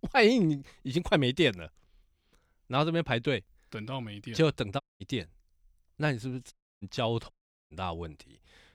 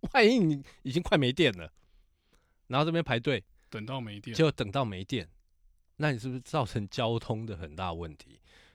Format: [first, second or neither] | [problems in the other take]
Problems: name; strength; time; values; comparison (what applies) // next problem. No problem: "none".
second | audio cutting out; at 5 s, at 6.5 s and at 7.5 s